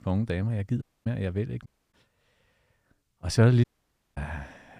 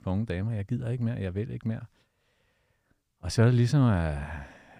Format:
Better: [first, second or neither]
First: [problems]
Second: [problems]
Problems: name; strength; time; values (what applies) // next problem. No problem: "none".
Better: second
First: audio cutting out; at 1 s, at 1.5 s and at 3.5 s for 0.5 s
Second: none